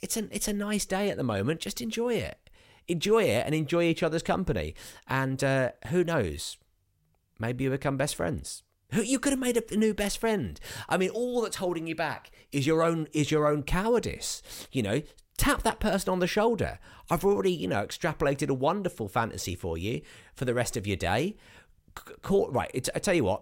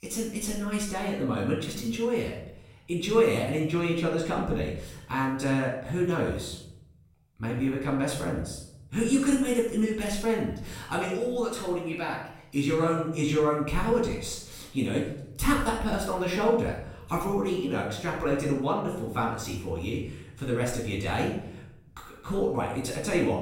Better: first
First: none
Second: off-mic speech; far // room echo; noticeable; dies away in 0.6 s

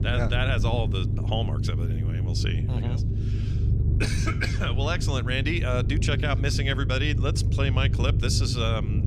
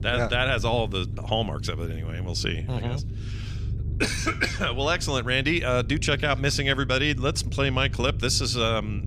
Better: second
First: low rumble; loud; throughout; 10 dB below the speech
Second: low rumble; faint; throughout; 20 dB below the speech

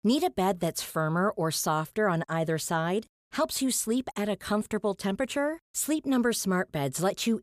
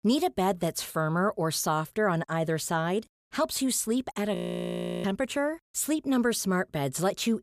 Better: first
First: none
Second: audio freezing; at 4.5 s for 0.5 s

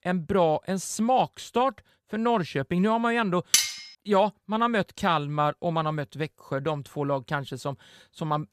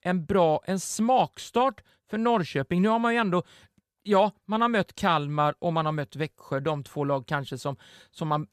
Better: second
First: clattering dishes; loud; at 3.5 s; peak 5 dB above the speech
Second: none

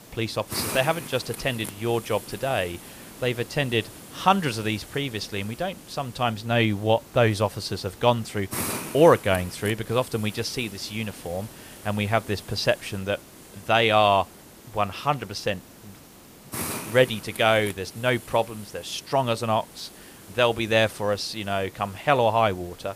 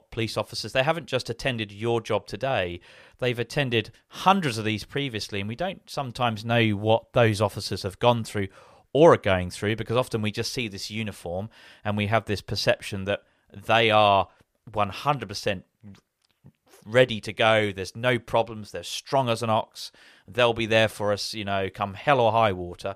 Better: second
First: hiss; noticeable; throughout; 15 dB below the speech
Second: none

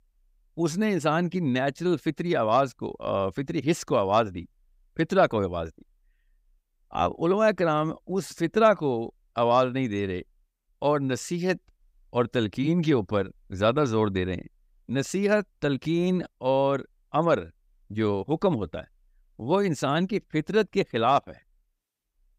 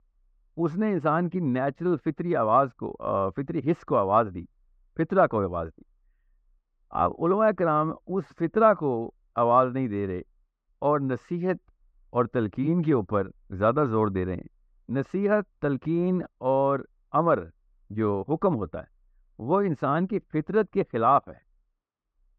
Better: first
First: none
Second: muffled; very; fading above 4 kHz

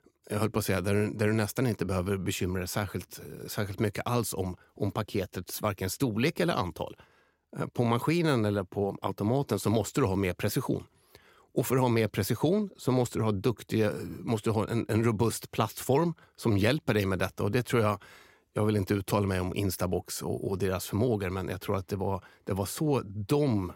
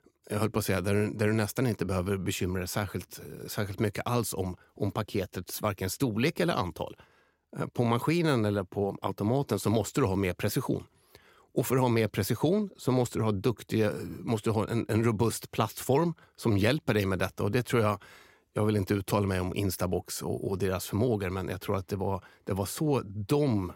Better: neither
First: none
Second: none

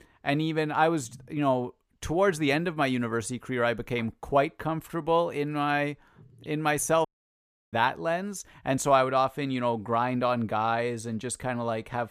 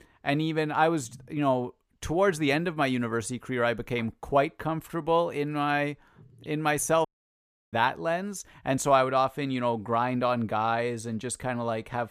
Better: neither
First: audio cutting out; at 7 s for 0.5 s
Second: audio cutting out; at 7 s for 0.5 s

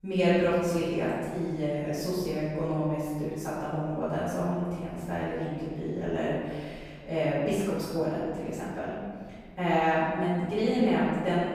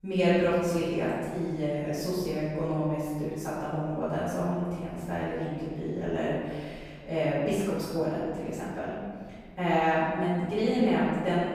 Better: neither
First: room echo; strong; dies away in 1.6 s // off-mic speech; far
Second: room echo; strong; dies away in 1.6 s // off-mic speech; far

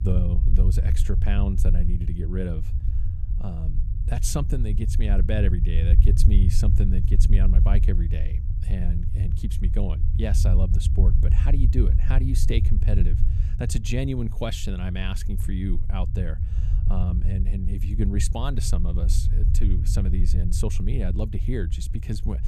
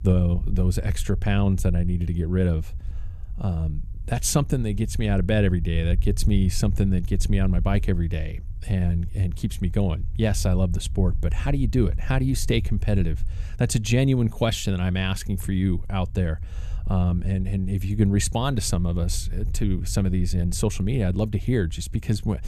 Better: second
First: low rumble; loud; throughout; 7 dB below the speech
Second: low rumble; faint; throughout; 20 dB below the speech

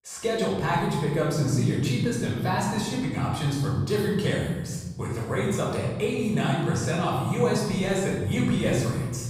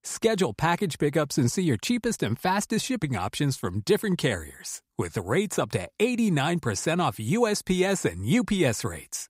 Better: second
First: off-mic speech; far // room echo; noticeable; dies away in 2.1 s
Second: none

